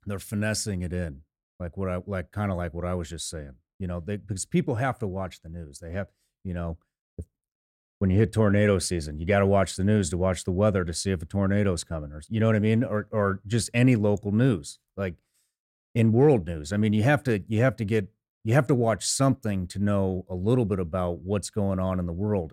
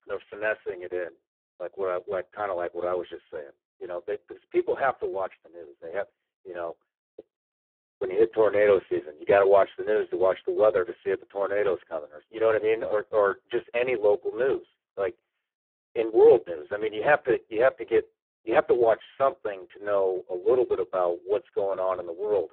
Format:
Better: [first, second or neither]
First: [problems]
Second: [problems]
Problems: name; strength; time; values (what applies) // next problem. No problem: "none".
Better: first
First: none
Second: phone-call audio; poor line